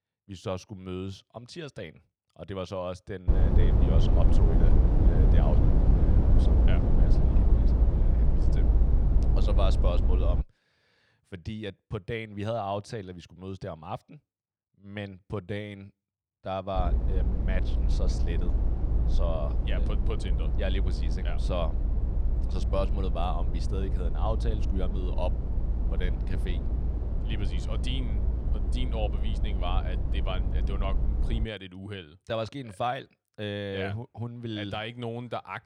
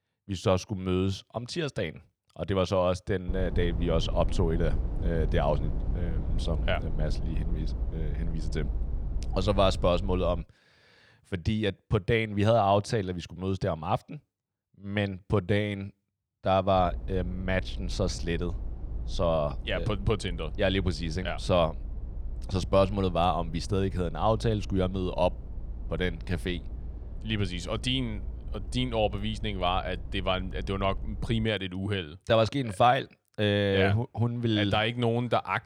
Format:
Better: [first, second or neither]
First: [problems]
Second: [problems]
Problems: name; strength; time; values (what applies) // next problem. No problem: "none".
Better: second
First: low rumble; loud; from 3.5 to 10 s and from 17 to 31 s; 4 dB below the speech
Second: low rumble; faint; from 3.5 to 10 s and from 17 to 31 s; 20 dB below the speech